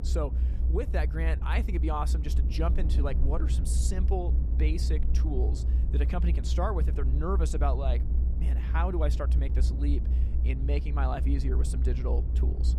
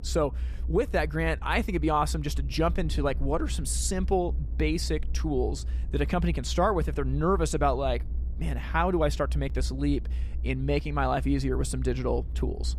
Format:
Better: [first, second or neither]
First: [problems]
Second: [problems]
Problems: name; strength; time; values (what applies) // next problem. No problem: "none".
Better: second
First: low rumble; loud; throughout; 9 dB below the speech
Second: low rumble; faint; throughout; 25 dB below the speech